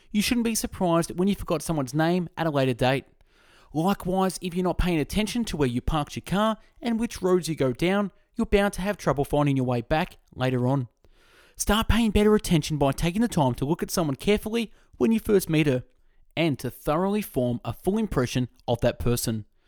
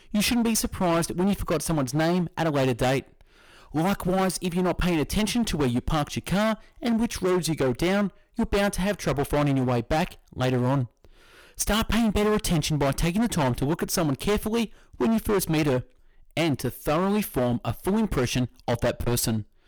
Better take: first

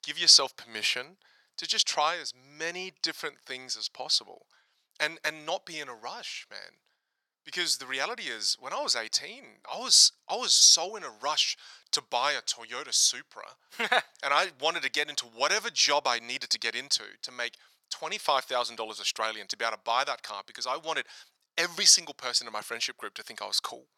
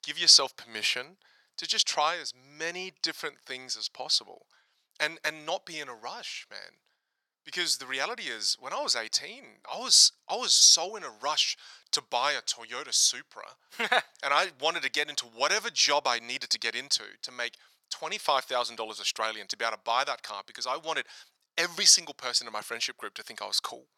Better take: neither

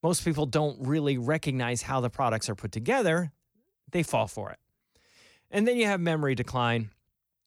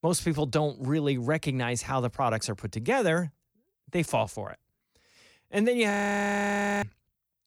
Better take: first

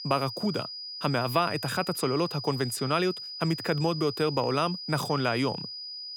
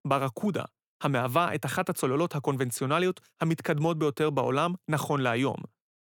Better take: second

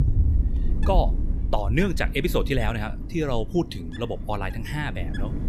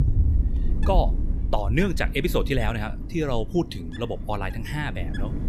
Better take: neither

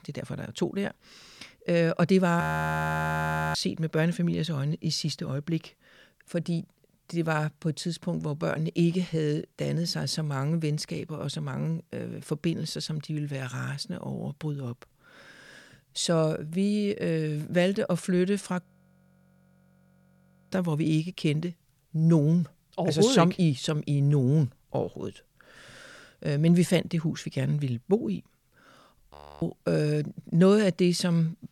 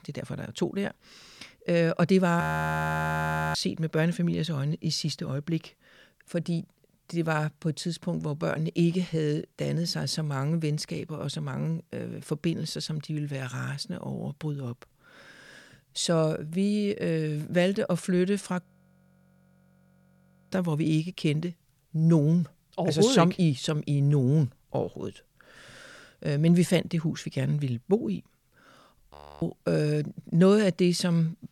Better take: neither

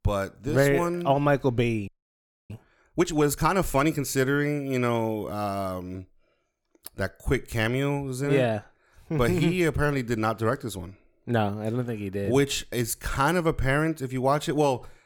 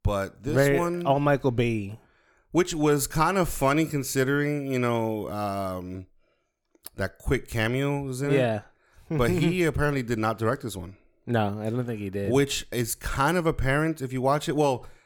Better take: second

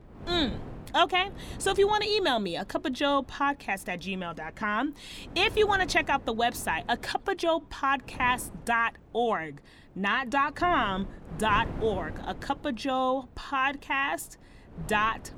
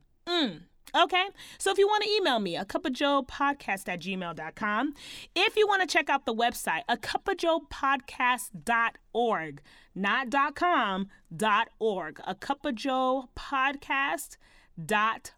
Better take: second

